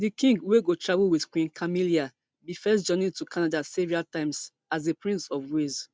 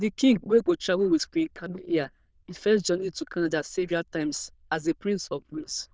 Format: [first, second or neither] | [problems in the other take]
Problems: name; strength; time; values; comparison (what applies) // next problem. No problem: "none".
first | noise reduction (neural diffusion model UNIVERSE++)